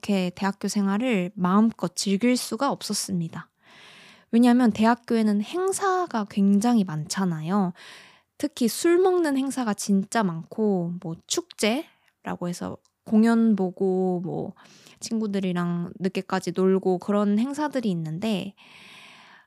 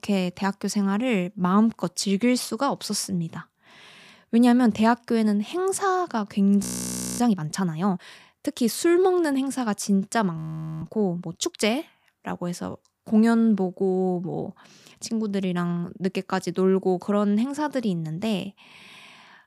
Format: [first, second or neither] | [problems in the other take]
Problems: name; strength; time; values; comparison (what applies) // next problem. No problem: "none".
first | audio freezing; at 6.5 s for 0.5 s and at 10 s